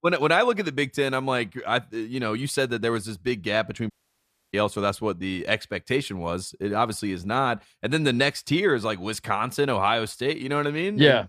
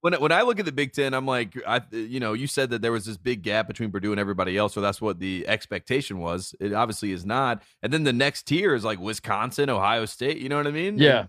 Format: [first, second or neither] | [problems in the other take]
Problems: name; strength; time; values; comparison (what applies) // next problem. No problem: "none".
second | audio cutting out; at 4 s for 0.5 s